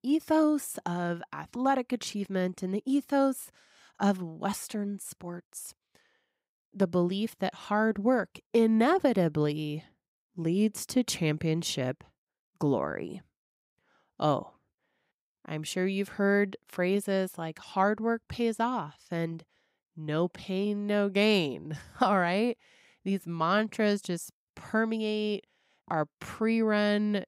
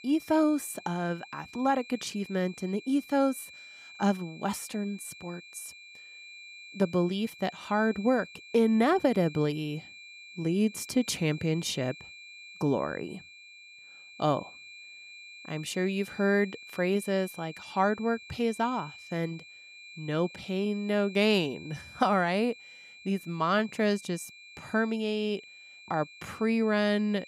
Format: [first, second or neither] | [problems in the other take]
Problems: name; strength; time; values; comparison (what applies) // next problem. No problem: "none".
first | high-pitched whine; noticeable; throughout; 2.5 kHz, 15 dB below the speech